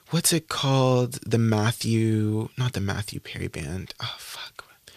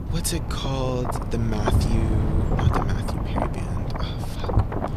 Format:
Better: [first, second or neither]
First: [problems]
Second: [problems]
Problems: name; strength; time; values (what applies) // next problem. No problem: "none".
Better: first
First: none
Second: wind noise on the microphone; heavy; 2 dB above the speech